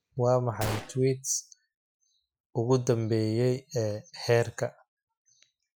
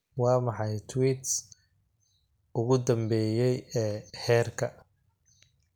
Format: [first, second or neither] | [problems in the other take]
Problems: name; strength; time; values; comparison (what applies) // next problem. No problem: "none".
second | noise reduction (classical method Wiener filter)